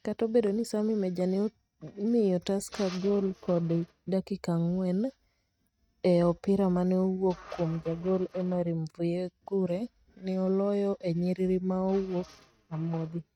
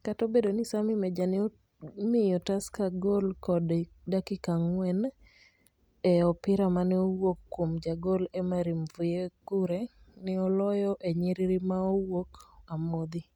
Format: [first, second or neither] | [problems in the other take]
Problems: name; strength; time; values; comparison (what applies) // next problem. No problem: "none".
second | noise reduction (neural mask model RNNoise)